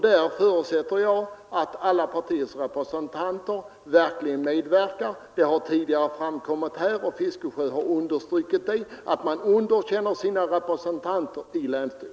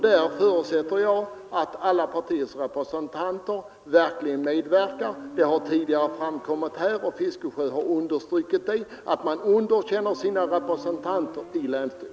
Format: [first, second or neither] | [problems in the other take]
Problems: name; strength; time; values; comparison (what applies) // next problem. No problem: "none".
first | background sound (Motorcycle); 18 dB below the speech